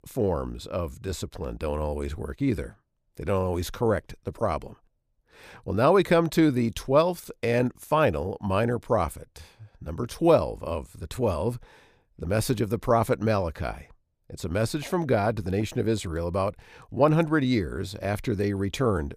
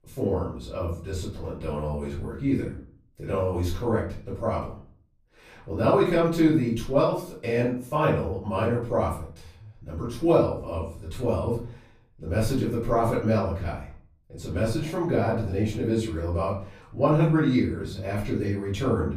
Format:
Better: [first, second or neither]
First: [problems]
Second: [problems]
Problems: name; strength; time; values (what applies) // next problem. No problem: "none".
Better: first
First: none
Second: off-mic speech; far // room echo; slight; dies away in 0.4 s